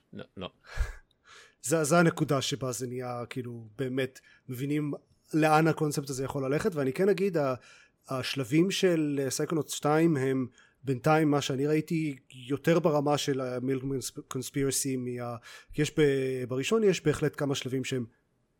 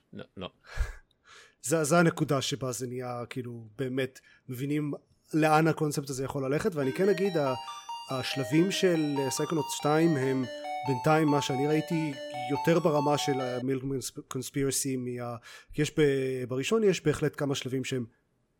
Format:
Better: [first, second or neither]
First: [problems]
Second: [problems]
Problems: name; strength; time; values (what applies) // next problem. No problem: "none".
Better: first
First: none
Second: phone ringing; noticeable; from 7 to 14 s; peak 6 dB below the speech